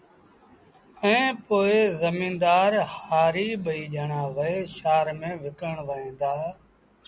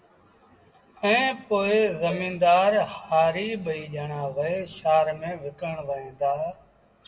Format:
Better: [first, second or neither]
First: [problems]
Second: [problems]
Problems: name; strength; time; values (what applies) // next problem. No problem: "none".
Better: first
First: none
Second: background sound (Cowbell); 19 dB below the speech // room echo; dies away in 0.6 s